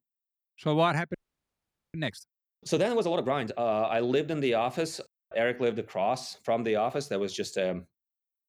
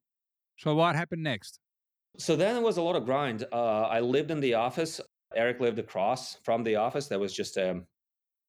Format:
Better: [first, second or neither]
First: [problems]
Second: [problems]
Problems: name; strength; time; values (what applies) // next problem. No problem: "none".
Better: second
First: audio freezing; at 1 s for 1 s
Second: none